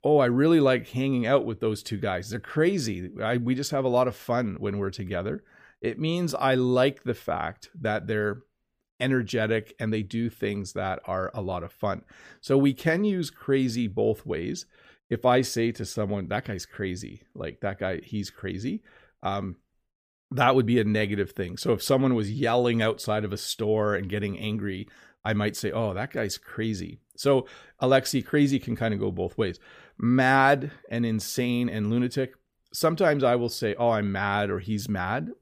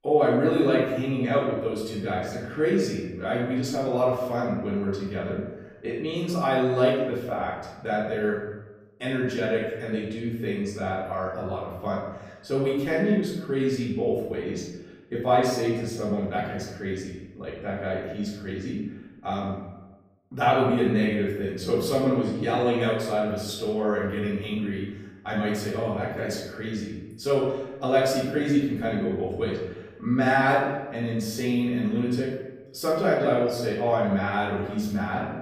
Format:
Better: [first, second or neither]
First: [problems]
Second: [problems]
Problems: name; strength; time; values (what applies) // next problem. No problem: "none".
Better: first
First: none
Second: room echo; noticeable; dies away in 0.9 s // off-mic speech; far